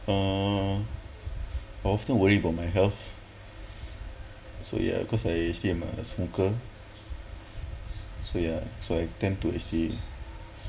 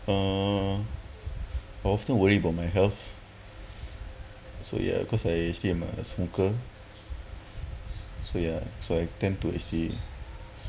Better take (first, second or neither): second